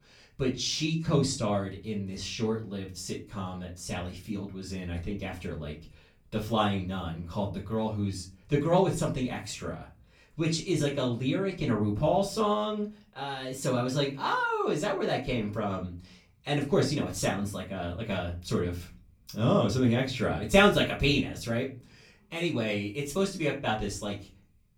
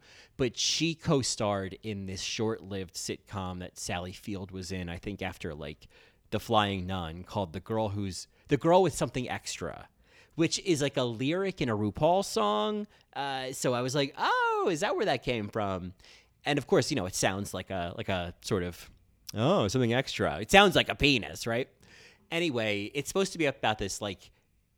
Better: second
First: off-mic speech; far // room echo; slight; dies away in 0.3 s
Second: none

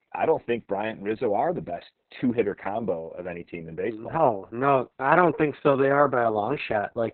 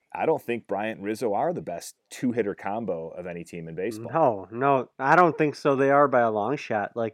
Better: second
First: garbled, watery; badly; nothing above 4 kHz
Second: none

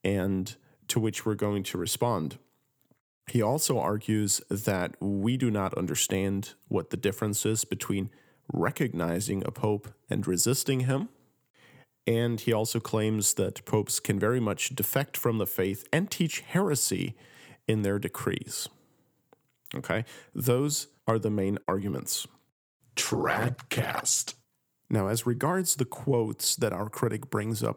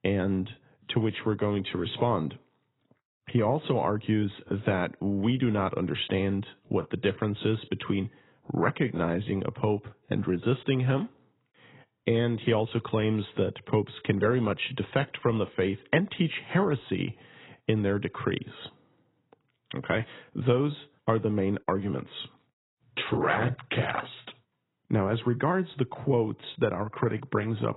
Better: first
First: none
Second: garbled, watery; badly; nothing above 4 kHz

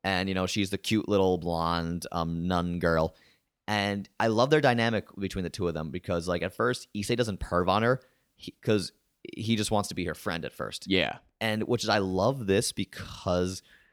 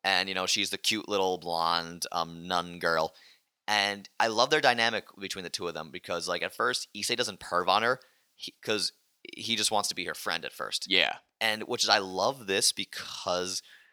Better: first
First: none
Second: thin; somewhat; fading below 1 kHz

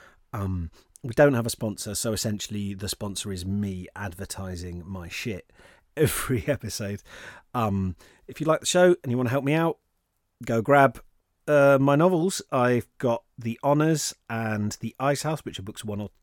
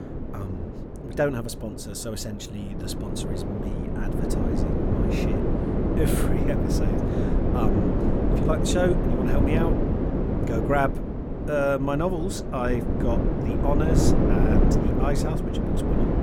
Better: first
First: none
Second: wind noise on the microphone; heavy; as loud as the speech

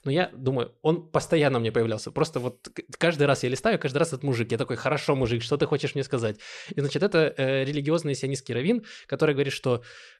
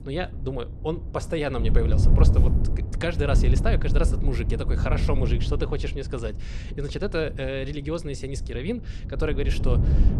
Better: first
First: none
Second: wind noise on the microphone; heavy; 8 dB below the speech

